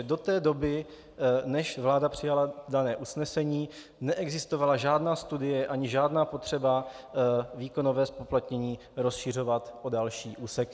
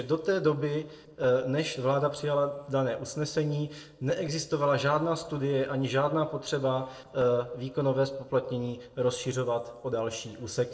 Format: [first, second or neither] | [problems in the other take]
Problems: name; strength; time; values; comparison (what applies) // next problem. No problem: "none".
first | noise reduction (neural separator model SepFormer DNS4)